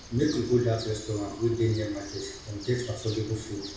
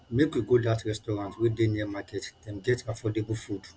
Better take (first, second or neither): second